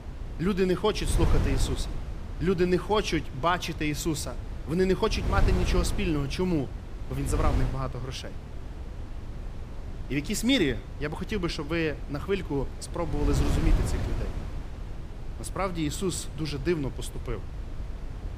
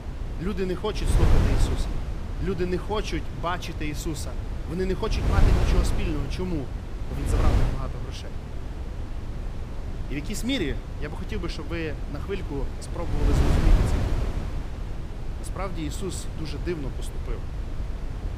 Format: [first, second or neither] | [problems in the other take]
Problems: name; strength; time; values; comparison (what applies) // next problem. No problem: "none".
first | wind noise on the microphone; heavy; 4 dB below the speech; occasional gusts in the first